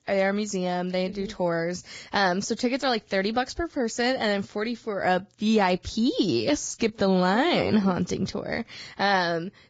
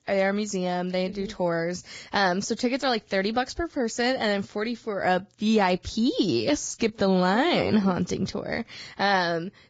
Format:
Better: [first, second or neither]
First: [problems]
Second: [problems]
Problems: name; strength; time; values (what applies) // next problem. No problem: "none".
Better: neither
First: garbled, watery; badly; nothing above 7.5 kHz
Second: garbled, watery; badly; nothing above 7.5 kHz